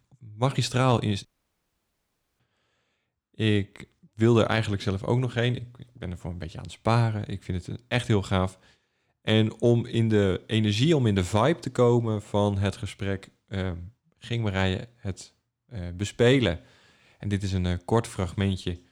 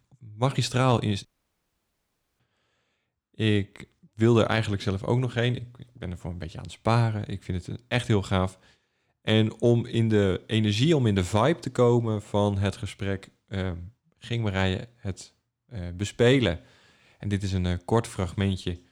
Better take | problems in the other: neither | audio cutting out; at 1.5 s for 1 s; the same in both

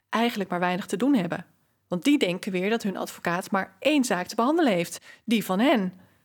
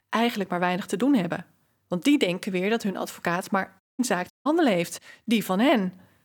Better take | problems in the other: first | audio cutting out; at 4 s and at 4.5 s

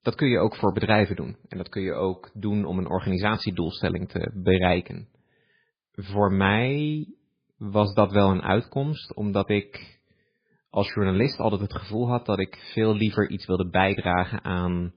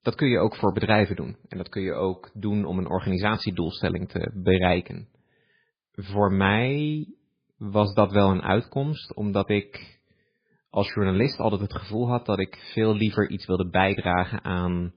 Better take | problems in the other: neither | garbled, watery; badly; the same in both

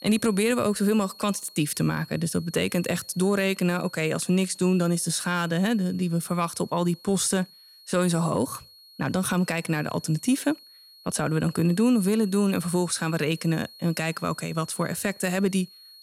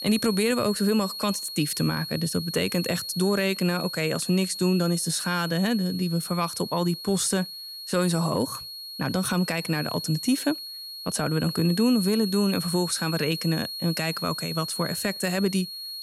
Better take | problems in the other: first | high-pitched whine; loud; throughout; 4.5 kHz, 7 dB below the speech; faint in the first

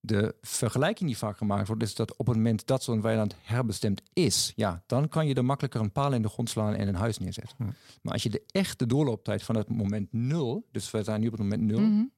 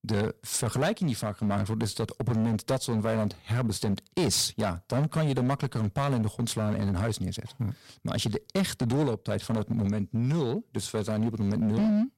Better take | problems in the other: first | distortion; slight; 11% of the sound clipped

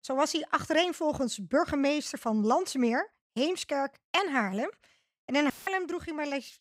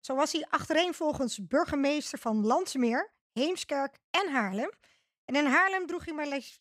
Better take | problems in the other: second | audio cutting out; filled with static; at 5.5 s

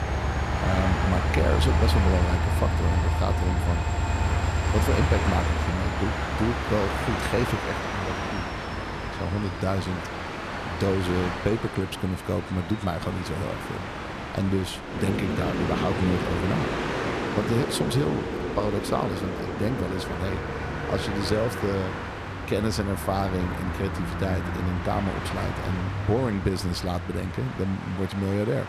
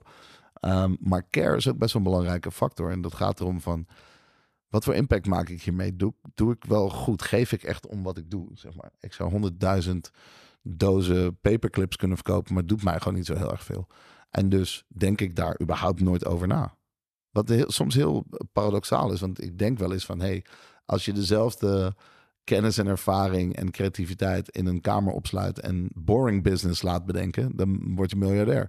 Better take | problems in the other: second | train or aircraft noise; very loud; throughout; as loud as the speech

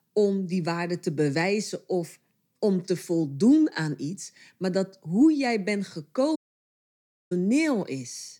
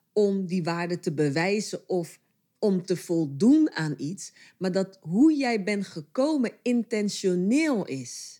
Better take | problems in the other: second | audio cutting out; at 6.5 s for 1 s

